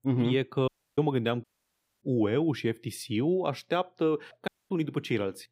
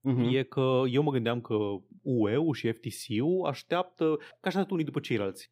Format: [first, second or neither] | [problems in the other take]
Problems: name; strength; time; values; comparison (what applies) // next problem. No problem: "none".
second | audio cutting out; at 0.5 s, at 1.5 s for 0.5 s and at 4.5 s